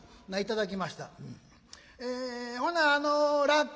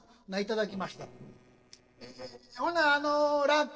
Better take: first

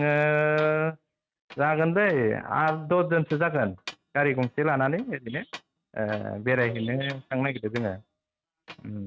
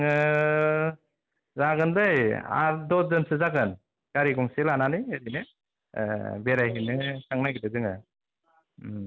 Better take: second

